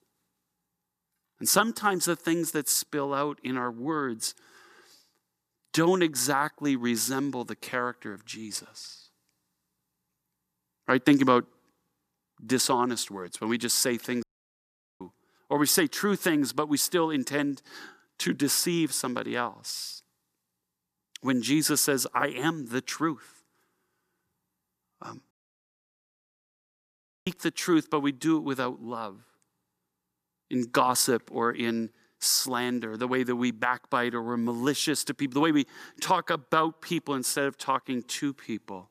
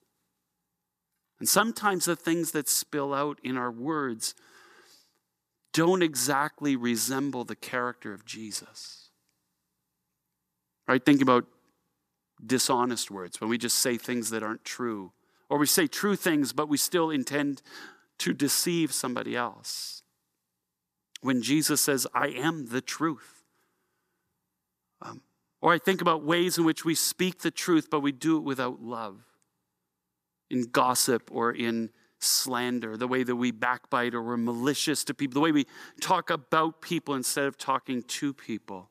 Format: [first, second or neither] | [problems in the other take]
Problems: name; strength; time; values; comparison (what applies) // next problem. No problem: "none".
second | audio cutting out; at 14 s for 1 s and at 25 s for 2 s